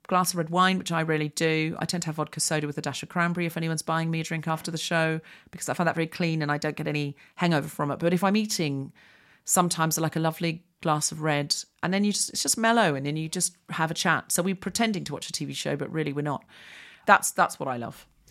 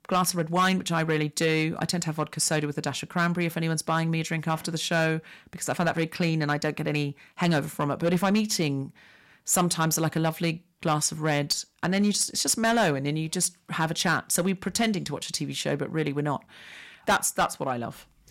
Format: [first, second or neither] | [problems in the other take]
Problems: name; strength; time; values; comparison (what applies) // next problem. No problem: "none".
first | distortion; slight; 4% of the sound clipped